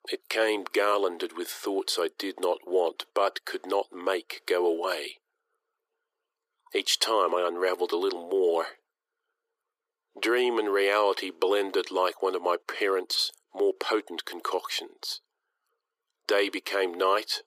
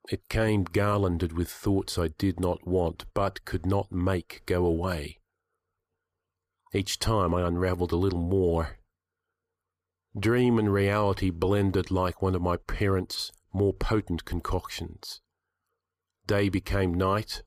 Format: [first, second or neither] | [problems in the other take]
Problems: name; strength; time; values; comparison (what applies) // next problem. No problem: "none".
second | thin; very; fading below 350 Hz